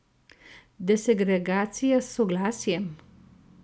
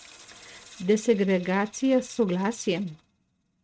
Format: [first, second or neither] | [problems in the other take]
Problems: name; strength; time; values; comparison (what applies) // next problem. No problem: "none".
first | noise reduction (neural mask model RNNoise)